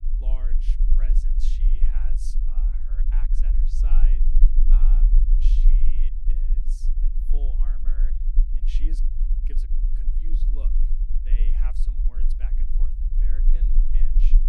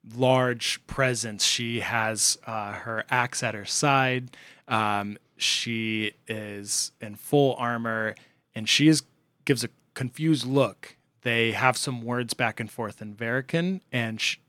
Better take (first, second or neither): second